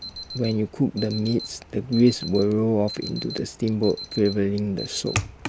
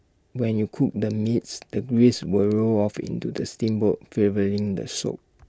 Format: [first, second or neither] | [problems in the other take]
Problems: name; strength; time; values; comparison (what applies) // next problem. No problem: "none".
second | background sound (Alarm); 12 dB below the speech